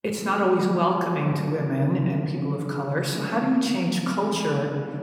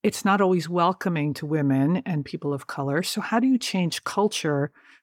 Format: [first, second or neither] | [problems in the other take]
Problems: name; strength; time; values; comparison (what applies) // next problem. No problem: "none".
second | room echo; noticeable; dies away in 2.1 s // off-mic speech; somewhat distant